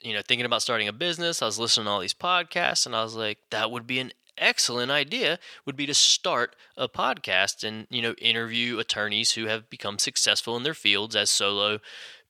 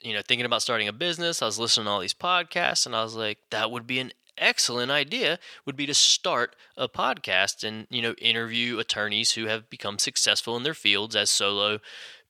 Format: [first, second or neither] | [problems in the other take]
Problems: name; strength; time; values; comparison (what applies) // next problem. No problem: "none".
neither | thin; somewhat; fading below 850 Hz; the same in both